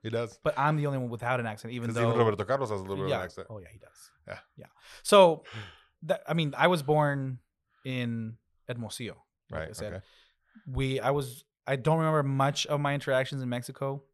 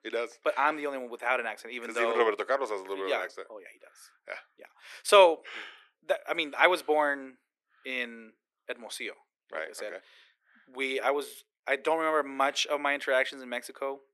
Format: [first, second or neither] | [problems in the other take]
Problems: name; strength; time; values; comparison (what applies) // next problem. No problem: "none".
first | thin; somewhat; fading below 300 Hz